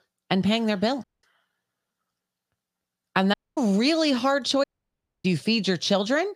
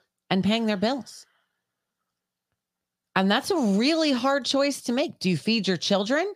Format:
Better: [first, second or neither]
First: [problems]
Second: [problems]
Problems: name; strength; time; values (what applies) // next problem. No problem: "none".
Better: second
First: audio cutting out; at 1 s, at 3.5 s and at 4.5 s for 0.5 s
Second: none